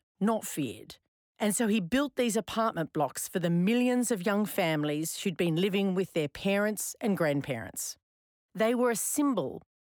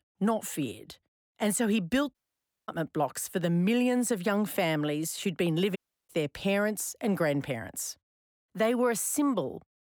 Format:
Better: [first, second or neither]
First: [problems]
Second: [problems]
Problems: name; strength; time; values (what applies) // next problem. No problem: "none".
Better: first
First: none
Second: audio cutting out; at 2 s for 0.5 s and at 6 s